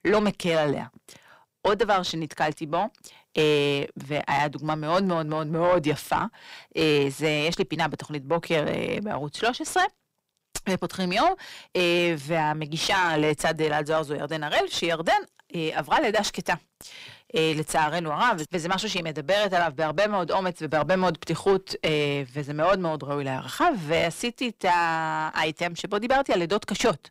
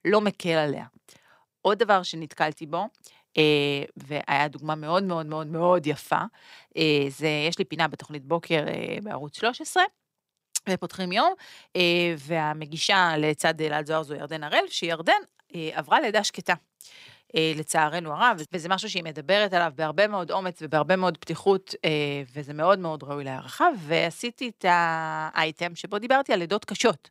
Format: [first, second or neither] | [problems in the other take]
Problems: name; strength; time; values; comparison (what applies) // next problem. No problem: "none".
second | distortion; heavy; 7 dB below the speech